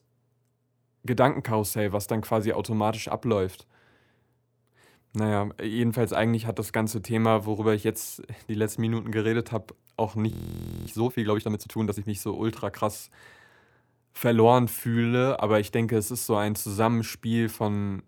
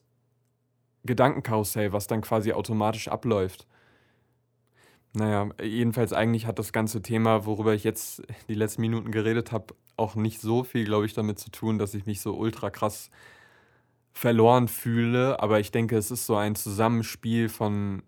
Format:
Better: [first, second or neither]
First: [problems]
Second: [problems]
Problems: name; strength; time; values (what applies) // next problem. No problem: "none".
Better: second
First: audio freezing; at 10 s for 0.5 s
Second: none